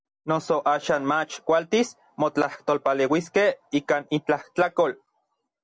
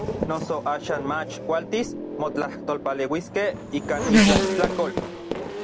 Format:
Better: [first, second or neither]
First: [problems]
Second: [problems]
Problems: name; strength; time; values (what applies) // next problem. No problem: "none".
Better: first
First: none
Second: background sound (Race car, auto racing / Accelerating, revving, vroom); 2 dB above the speech